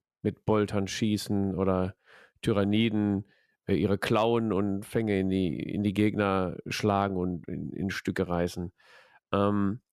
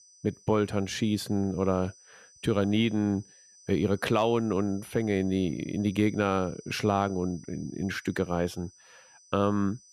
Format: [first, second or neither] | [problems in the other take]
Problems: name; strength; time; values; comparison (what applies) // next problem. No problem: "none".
first | high-pitched whine; faint; throughout; 6 kHz, 25 dB below the speech